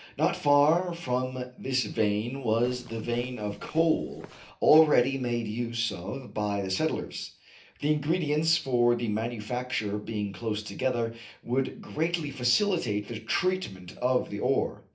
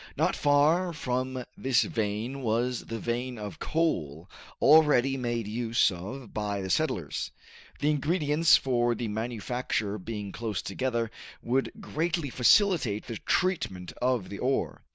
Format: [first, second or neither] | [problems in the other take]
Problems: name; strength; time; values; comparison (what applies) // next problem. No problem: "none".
second | noise reduction (neural separator model SepFormer DNS4)